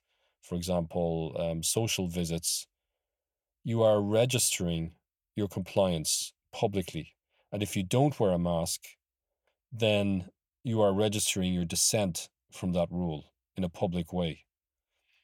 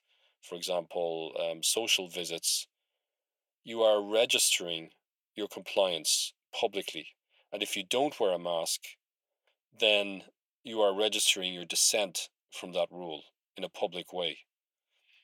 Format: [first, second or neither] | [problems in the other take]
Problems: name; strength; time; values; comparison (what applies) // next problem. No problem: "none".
first | thin; somewhat; fading below 350 Hz